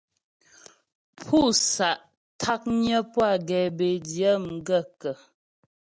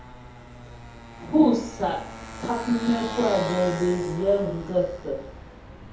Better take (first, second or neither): first